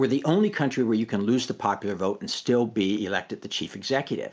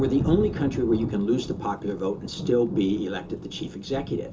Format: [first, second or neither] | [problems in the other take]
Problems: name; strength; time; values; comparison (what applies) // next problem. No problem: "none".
first | background sound (Thunder); 7 dB below the speech // room echo; dies away in 0.2 s